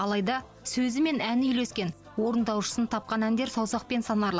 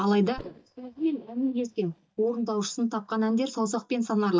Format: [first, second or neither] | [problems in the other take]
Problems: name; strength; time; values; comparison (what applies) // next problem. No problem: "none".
first | noise reduction (neural mask model DeepFilterNet 3)